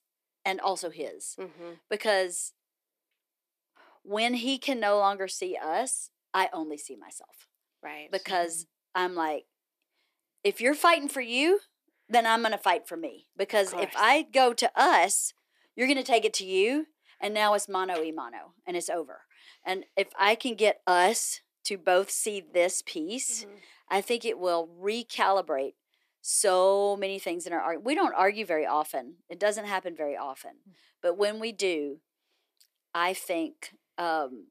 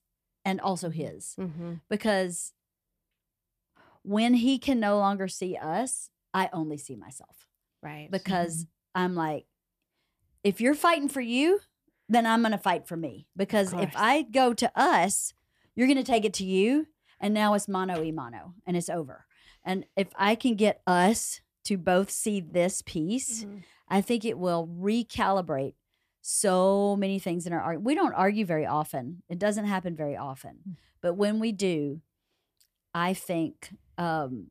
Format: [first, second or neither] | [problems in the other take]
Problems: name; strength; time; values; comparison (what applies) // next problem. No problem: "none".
second | thin; somewhat; fading below 350 Hz